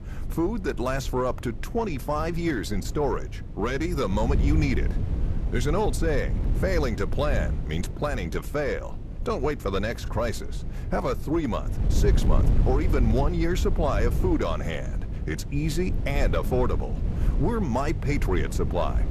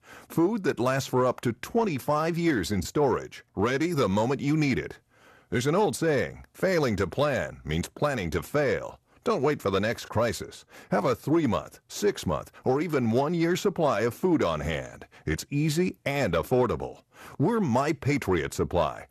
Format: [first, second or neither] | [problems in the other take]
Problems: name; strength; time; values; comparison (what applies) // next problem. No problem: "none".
second | wind noise on the microphone; occasional gusts; 15 dB below the speech